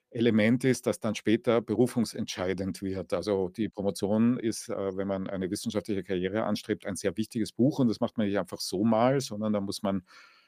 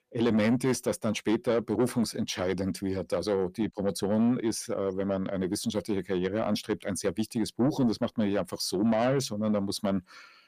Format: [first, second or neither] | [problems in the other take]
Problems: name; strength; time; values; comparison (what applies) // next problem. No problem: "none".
first | distortion; slight; 10 dB below the speech